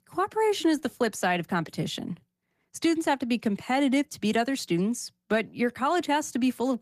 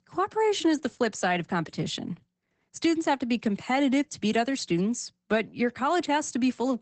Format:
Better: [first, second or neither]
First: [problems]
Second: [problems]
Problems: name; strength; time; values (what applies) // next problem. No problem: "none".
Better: first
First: garbled, watery; slightly; nothing above 14.5 kHz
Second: garbled, watery; badly; nothing above 8 kHz